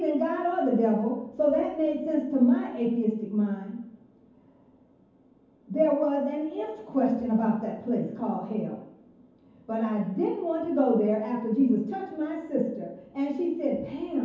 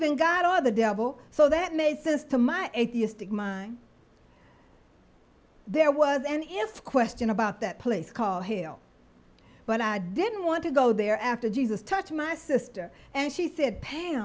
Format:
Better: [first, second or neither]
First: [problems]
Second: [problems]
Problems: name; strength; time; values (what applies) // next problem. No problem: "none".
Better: second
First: room echo; dies away in 0.9 s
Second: none